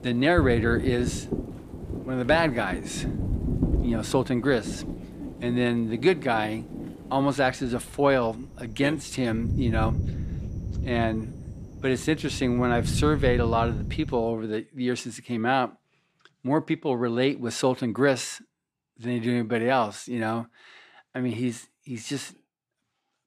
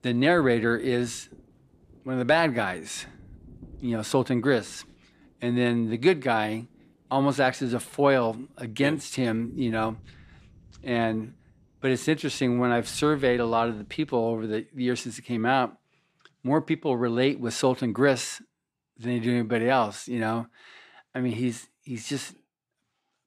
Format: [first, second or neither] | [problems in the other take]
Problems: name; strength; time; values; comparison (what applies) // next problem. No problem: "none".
second | rain or running water; loud; until 14 s; 6 dB below the speech; faint in the second